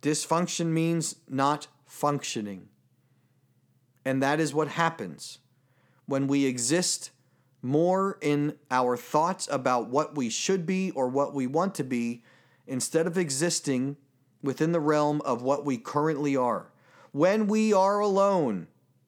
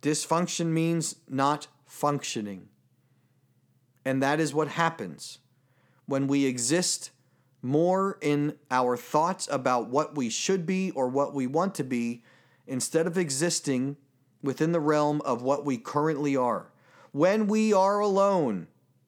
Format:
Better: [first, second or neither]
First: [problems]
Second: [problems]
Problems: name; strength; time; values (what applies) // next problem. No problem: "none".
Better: neither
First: none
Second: none